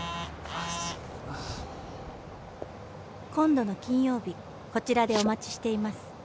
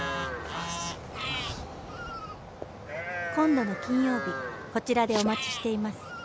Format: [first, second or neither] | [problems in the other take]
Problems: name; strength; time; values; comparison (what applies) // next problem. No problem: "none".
first | background sound (Livestock, farm animals, working animals); 7 dB below the speech